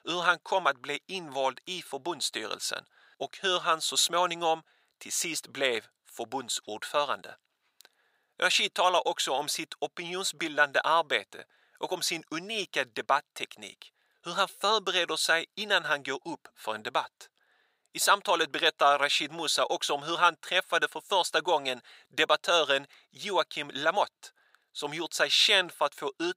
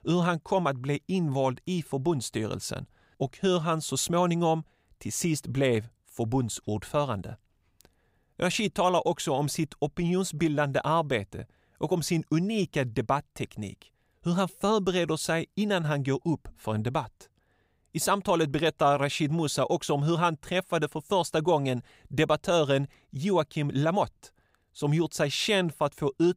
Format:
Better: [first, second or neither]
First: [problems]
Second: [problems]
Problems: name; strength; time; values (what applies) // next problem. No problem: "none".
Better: second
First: thin; very; fading below 600 Hz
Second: none